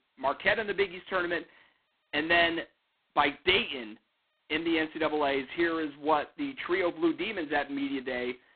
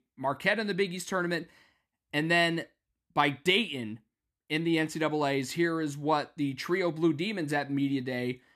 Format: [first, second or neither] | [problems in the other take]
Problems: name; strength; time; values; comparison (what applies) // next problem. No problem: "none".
second | phone-call audio; poor line; nothing above 4 kHz